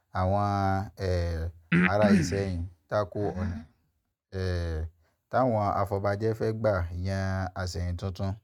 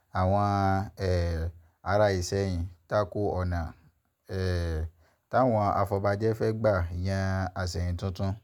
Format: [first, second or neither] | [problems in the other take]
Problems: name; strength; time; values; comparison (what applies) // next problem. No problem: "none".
second | noise reduction (neural mask model RNNoise)